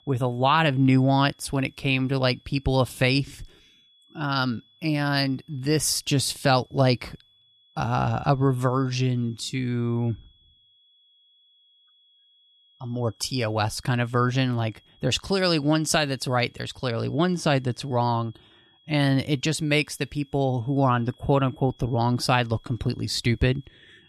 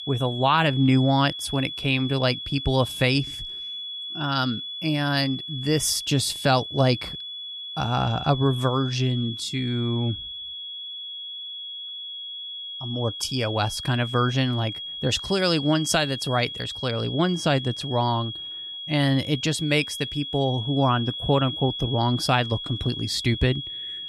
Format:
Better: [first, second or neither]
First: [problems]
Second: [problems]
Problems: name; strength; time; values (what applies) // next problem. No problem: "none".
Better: first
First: high-pitched whine; faint; throughout; 3.5 kHz, 35 dB below the speech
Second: high-pitched whine; loud; throughout; 3.5 kHz, 8 dB below the speech